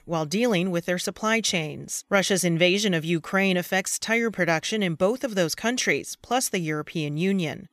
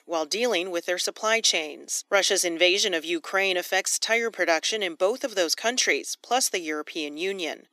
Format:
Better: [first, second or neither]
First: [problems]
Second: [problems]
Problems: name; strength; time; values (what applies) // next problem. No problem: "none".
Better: first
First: none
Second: thin; very; fading below 300 Hz